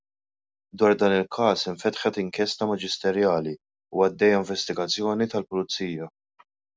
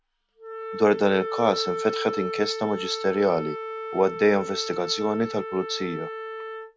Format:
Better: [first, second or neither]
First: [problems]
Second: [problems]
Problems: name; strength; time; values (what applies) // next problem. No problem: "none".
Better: first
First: none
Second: background sound (Wind instrument, woodwind instrument); 7 dB below the speech